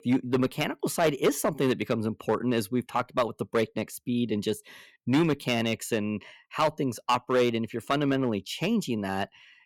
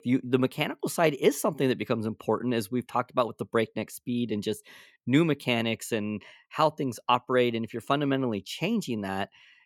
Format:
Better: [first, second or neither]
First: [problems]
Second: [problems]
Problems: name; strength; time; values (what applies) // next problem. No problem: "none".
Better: second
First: distortion; slight; 3% of the sound clipped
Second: none